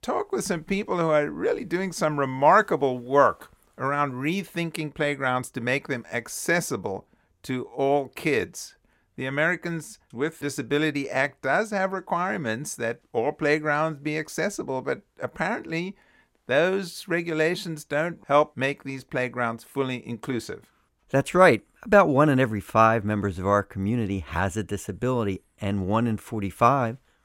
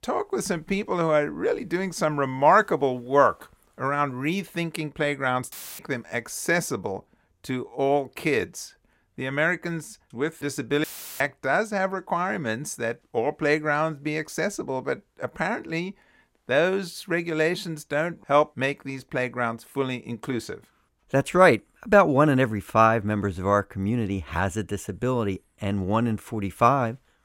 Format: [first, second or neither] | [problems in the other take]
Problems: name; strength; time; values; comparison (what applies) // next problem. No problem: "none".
first | audio cutting out; filled with static; at 5.5 s and at 11 s